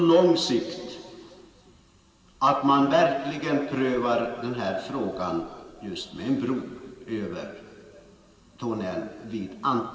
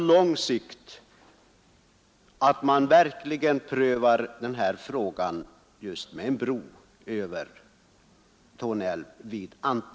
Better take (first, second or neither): second